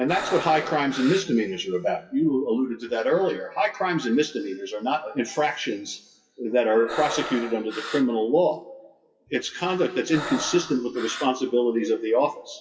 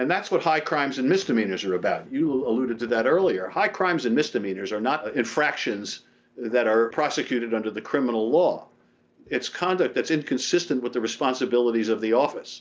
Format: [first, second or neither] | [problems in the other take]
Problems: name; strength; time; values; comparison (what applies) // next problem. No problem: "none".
second | noise reduction (classical method WPE with log-MMSE)